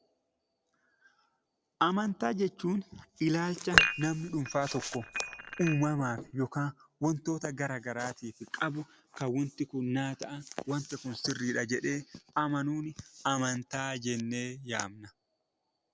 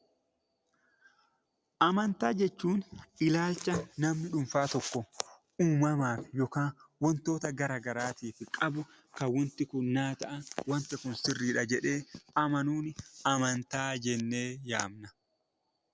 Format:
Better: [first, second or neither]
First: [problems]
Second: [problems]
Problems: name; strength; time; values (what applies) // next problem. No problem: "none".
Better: second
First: background sound (Dishes, pots, and pans); 1 dB above the speech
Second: none